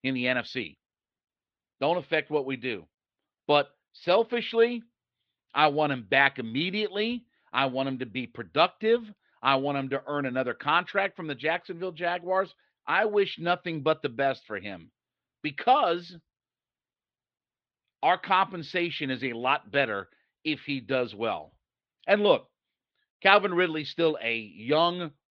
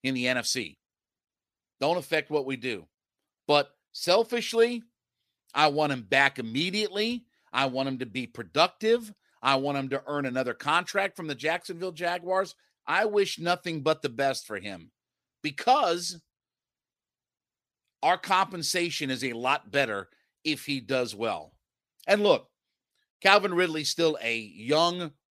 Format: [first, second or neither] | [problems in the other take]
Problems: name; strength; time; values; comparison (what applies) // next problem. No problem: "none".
second | muffled; slightly; fading above 3.5 kHz